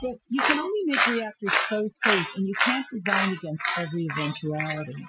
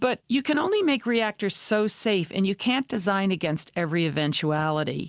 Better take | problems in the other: second | noise reduction (classical method Wiener filter)

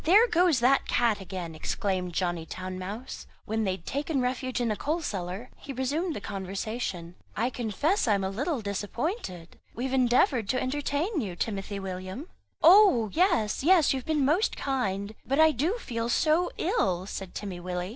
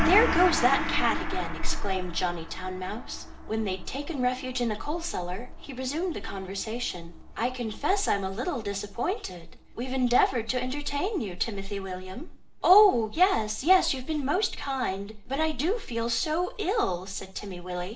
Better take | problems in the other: first | background sound (Gong); 10 dB below the speech // room echo; dies away in 0.4 s

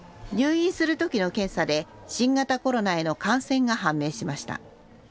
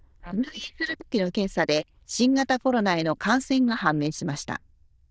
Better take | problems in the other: first | noise reduction (neural diffusion model UNIVERSE++)

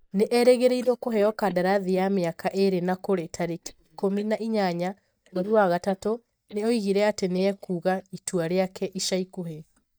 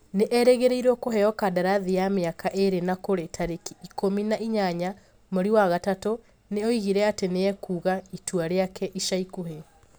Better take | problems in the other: second | noise reduction (neural mask model DeepFilterNet 3)

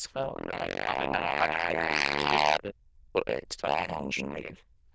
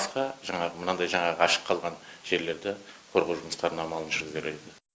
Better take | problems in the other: second | noise reduction (neural diffusion model UNIVERSE++)

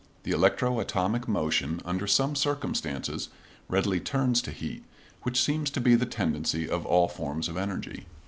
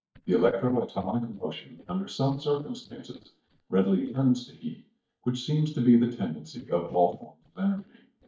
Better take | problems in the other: first | noise reduction (neural mask model DeepFilterNet 3)

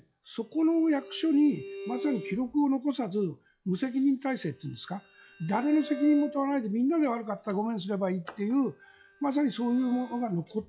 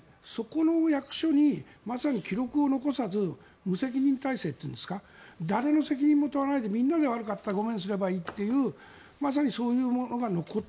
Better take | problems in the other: second | noise reduction (classical method log-MMSE)

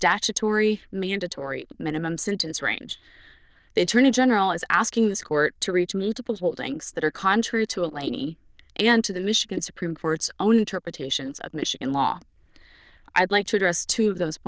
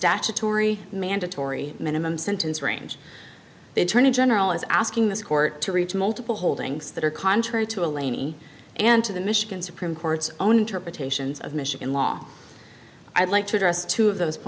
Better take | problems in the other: second | noise reduction (neural diffusion model UNIVERSE++)

